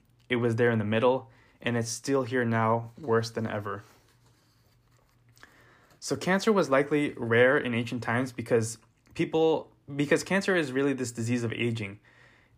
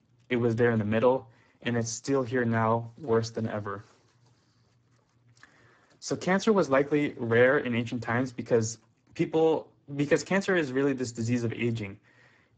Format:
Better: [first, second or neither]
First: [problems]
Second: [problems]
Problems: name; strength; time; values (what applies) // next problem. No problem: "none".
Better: first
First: none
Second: garbled, watery; badly; nothing above 7.5 kHz